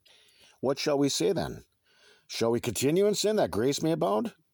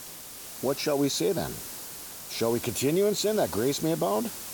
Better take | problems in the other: first | hiss; loud; throughout; 10 dB below the speech

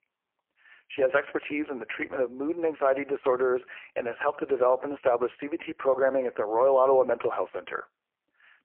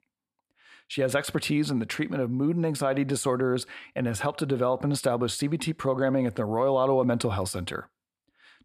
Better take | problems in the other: second | phone-call audio; poor line

